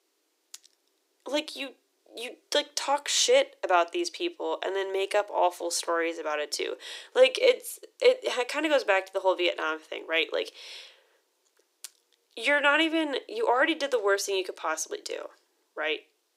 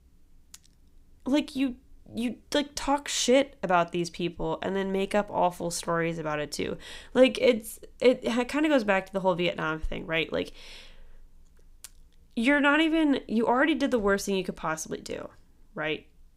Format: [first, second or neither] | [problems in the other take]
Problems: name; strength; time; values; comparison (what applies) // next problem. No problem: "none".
second | thin; very; fading below 350 Hz